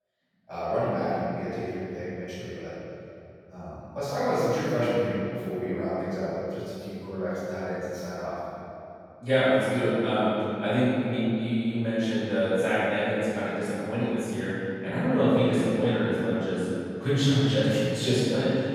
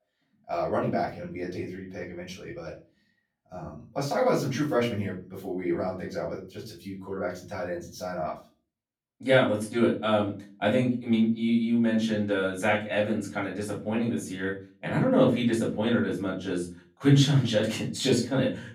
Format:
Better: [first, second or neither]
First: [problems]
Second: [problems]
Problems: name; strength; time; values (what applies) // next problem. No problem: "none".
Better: second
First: room echo; strong; dies away in 2.6 s // off-mic speech; far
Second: room echo; slight; dies away in 0.3 s // off-mic speech; far